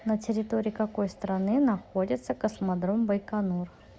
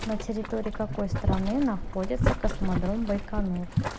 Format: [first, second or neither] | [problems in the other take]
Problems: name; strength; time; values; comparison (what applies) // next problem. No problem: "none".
first | background sound (Boiling); 1 dB above the speech // room echo; dies away in 0.7 s